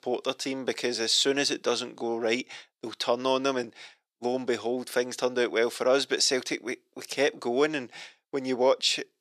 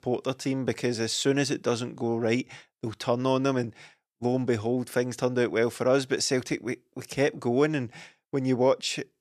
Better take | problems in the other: second | thin; very slightly; fading below 350 Hz

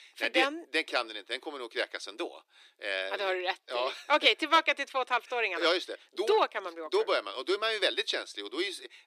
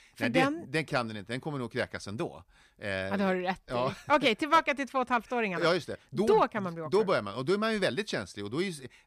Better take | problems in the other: second | thin; very; fading below 300 Hz

